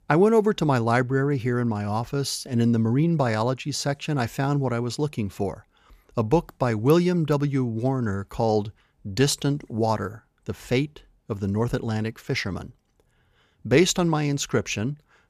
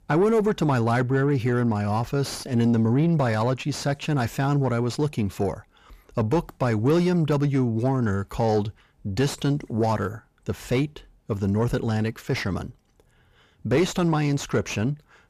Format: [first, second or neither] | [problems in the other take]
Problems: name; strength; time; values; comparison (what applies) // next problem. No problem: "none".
first | distortion; slight; 10 dB below the speech